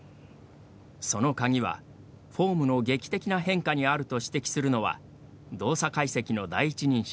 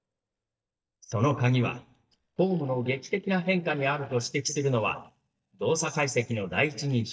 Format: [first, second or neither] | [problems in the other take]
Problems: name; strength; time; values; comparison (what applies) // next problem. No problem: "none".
first | noise reduction (neural mask model DeepFilterNet 3)